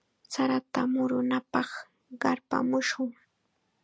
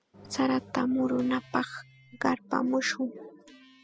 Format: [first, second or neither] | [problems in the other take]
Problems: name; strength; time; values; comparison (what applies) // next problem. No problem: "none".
first | noise reduction (classical method spectral subtraction)